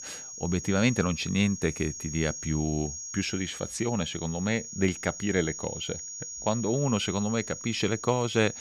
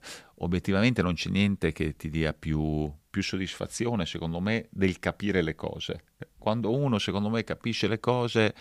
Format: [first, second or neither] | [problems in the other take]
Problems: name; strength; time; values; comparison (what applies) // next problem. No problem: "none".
second | high-pitched whine; loud; throughout; 6.5 kHz, 8 dB below the speech